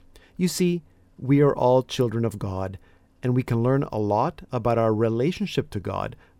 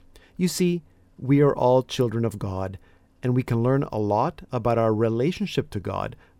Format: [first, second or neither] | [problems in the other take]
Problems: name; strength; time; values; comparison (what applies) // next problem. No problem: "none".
neither | none